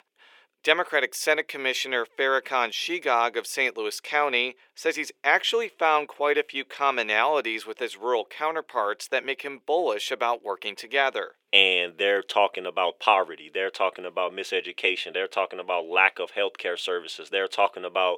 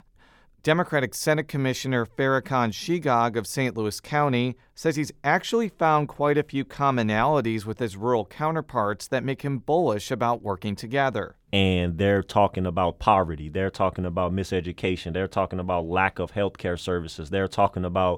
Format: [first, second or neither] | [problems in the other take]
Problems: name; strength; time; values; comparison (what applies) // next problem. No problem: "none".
second | thin; very; fading below 400 Hz